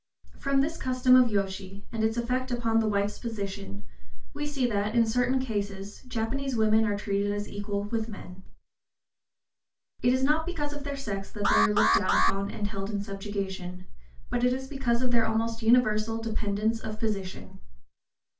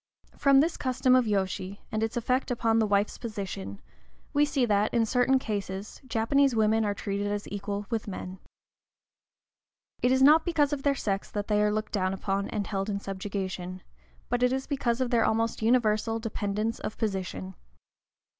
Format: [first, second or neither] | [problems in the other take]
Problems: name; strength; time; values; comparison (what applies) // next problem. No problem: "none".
second | background sound (Alarm); 3 dB below the speech // room echo; dies away in 0.2 s